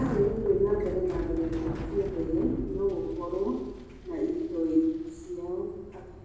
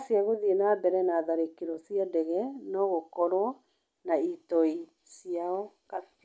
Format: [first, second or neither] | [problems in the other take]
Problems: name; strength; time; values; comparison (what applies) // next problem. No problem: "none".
second | background sound (Bicycle); 9 dB below the speech // room echo; dies away in 1.1 s